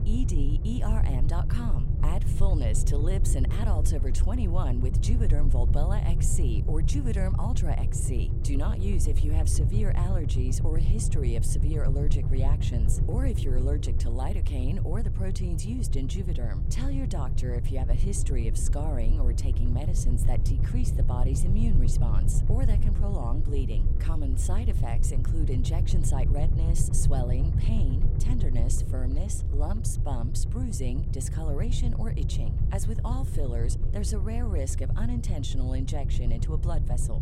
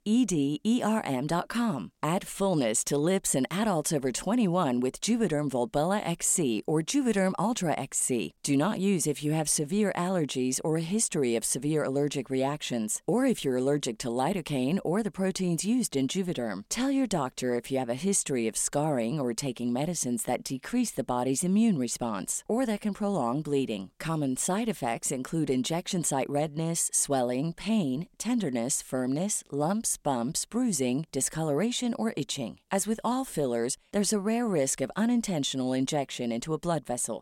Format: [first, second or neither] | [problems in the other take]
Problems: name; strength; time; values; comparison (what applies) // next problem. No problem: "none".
second | low rumble; loud; throughout; 4 dB below the speech